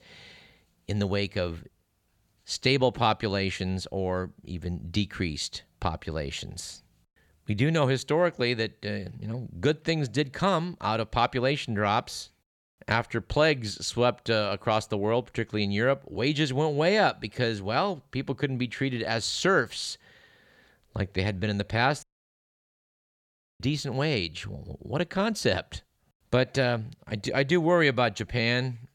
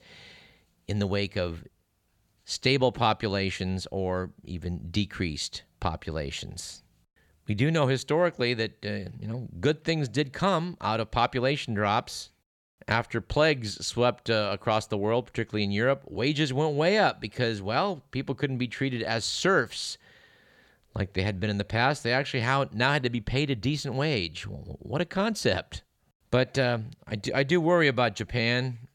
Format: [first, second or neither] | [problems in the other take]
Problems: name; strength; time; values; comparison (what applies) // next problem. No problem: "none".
second | audio cutting out; at 22 s for 1.5 s